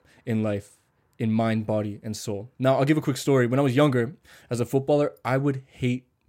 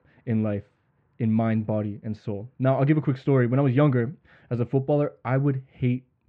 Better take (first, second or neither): first